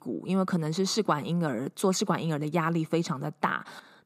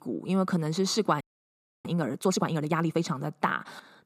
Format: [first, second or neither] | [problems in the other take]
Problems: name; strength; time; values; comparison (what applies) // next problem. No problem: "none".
first | audio freezing; at 1 s for 0.5 s